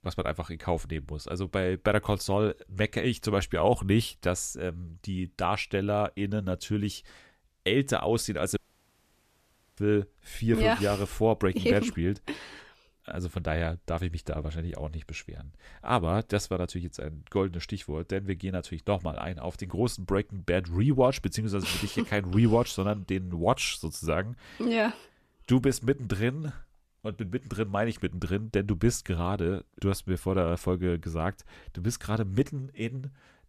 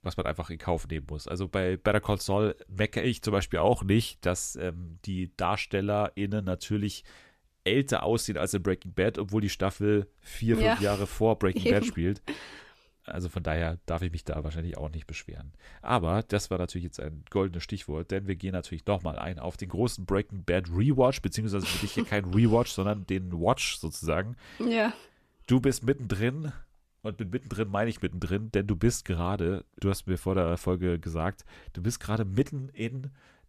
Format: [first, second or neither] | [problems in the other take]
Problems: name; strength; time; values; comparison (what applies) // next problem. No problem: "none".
second | audio cutting out; at 8.5 s for 1 s